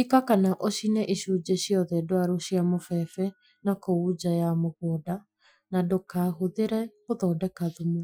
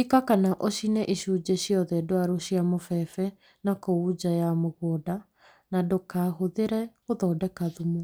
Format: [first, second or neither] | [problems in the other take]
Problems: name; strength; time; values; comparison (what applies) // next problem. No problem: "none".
second | noise reduction (classical method Wiener filter)